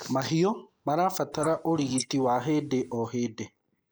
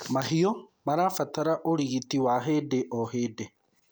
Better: second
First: noise reduction (neural mask model Resemble Enhance denoiser)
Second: none

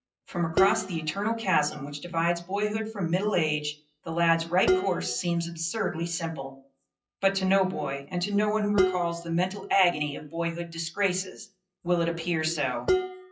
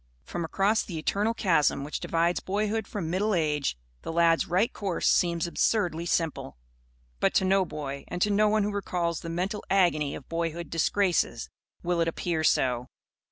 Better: second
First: noise reduction (classical method WPE with log-MMSE)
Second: none

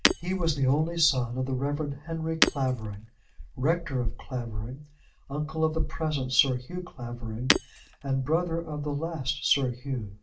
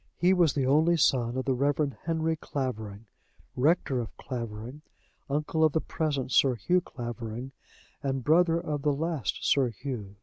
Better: second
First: background sound (Shatter); 4 dB below the speech // room echo; dies away in 0.2 s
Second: none

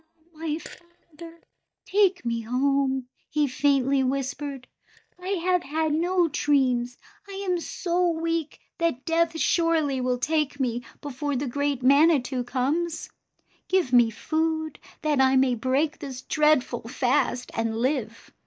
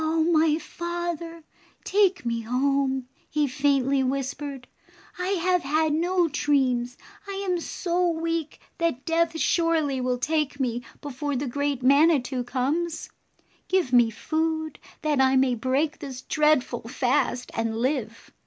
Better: second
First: noise reduction (neural mask model DeepFilterNet 3)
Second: none

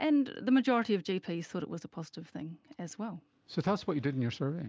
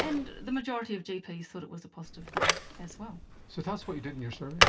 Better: first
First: none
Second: background sound (Telephone); 4 dB above the speech // room echo; dies away in 0.2 s

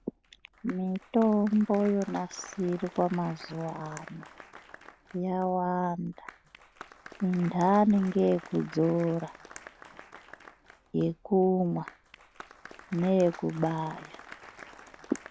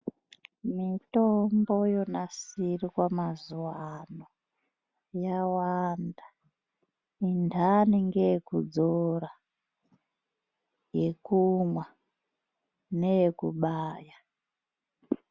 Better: second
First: background sound (Applause); 19 dB below the speech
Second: none

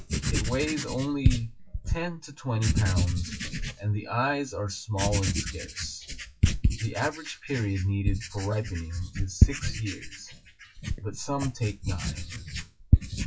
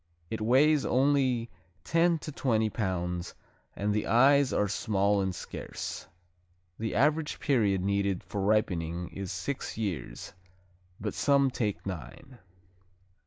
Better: second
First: noise reduction (classical method WPE with log-MMSE)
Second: none

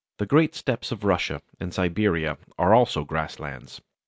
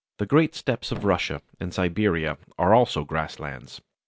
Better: first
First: none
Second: background sound (Thump, thud); 18 dB below the speech

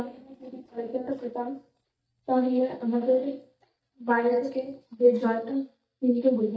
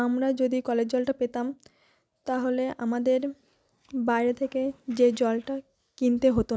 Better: second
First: noise reduction (neural mask model DeepFilterNet 3)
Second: none

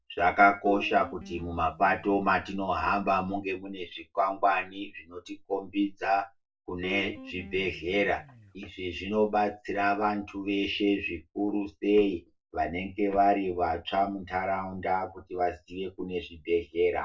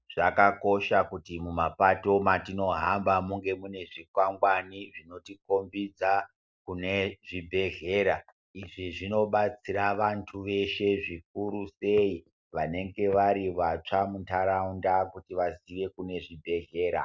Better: second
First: noise reduction (neural separator model SepFormer DNS4)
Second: none

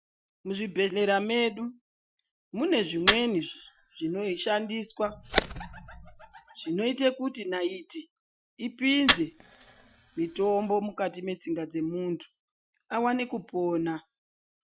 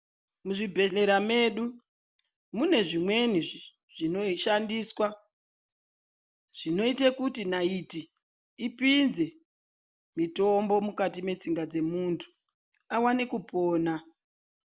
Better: second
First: noise reduction (classical method Wiener filter)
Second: none

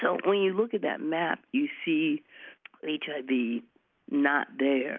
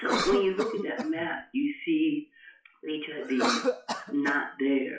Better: first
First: none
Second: noise reduction (classical method WPE with log-MMSE)

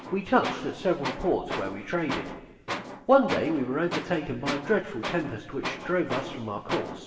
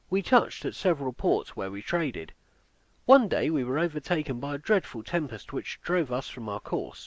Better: second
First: background sound (Tools); 9 dB below the speech // room echo; dies away in 1.3 s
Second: none

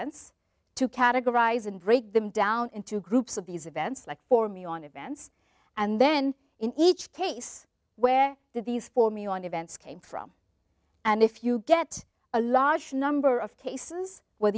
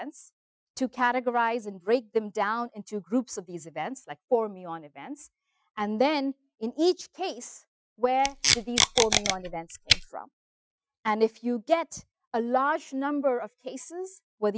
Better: first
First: none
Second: noise reduction (classical method Wiener filter)

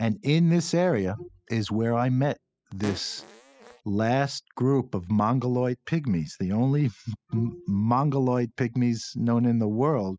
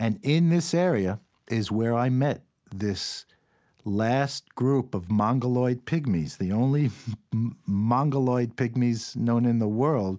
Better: second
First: noise reduction (classical method spectral subtraction)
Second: none

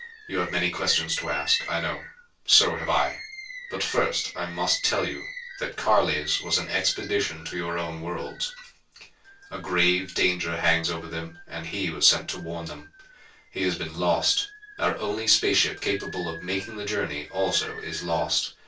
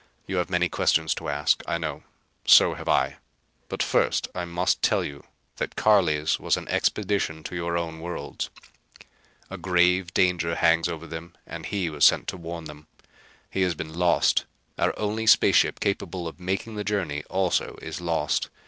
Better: second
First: background sound (Bird); 14 dB below the speech // room echo; dies away in 0.1 s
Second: none

